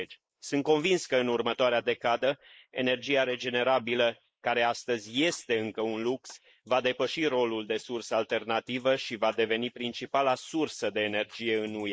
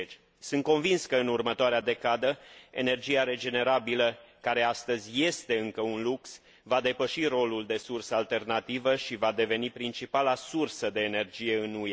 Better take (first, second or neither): second